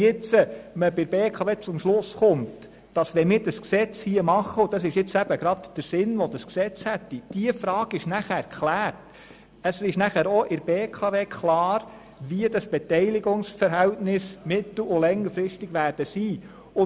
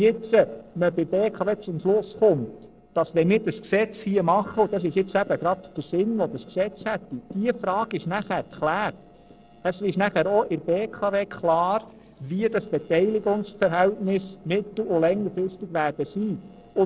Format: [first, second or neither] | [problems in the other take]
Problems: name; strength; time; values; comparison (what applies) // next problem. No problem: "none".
first | noise reduction (neural separator model SepFormer DNS4)